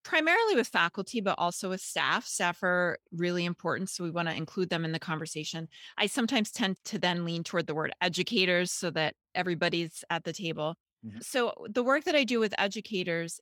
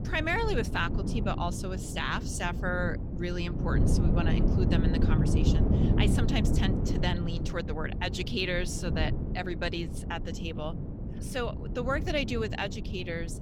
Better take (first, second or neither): first